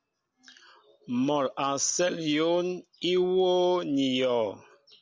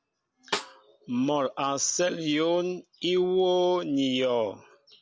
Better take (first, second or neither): first